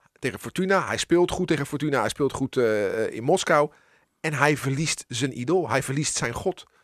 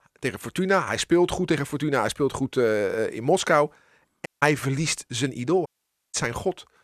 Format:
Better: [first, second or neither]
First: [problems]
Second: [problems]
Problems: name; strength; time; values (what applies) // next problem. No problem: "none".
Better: first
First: none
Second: audio cutting out; at 4.5 s and at 5.5 s